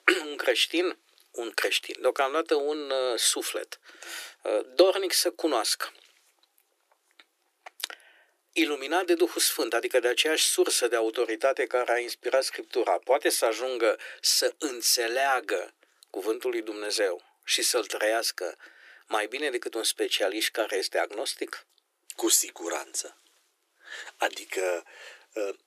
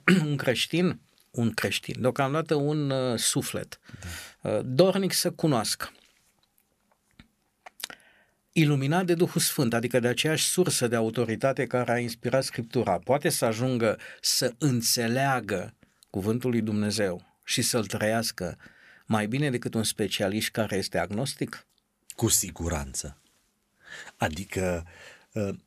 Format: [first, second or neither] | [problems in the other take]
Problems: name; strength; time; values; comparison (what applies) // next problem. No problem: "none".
second | thin; very; fading below 350 Hz